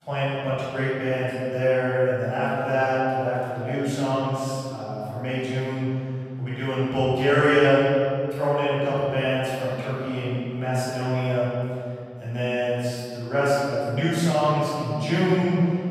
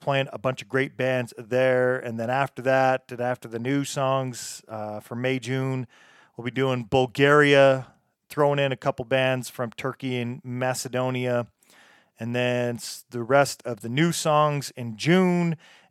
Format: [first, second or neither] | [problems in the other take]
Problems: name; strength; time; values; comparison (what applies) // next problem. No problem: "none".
second | off-mic speech; far // room echo; strong; dies away in 2.5 s